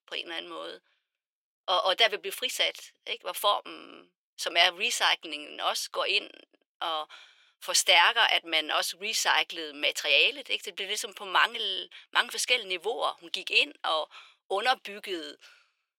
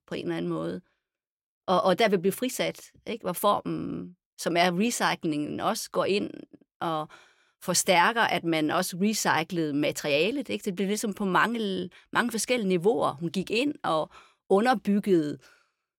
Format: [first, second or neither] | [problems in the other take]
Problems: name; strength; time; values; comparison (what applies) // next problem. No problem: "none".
second | thin; very; fading below 550 Hz